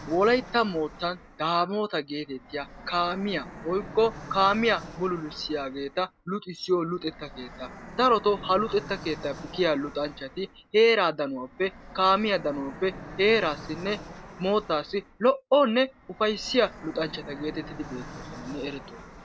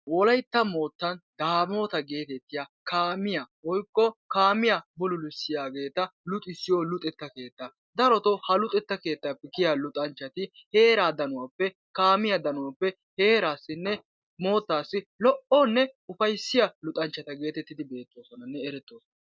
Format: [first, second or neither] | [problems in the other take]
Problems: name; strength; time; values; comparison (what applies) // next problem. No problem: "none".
second | background sound (Fixed-wing aircraft, airplane); 16 dB below the speech